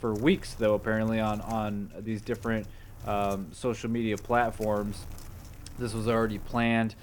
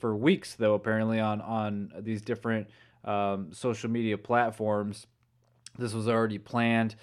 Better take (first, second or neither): second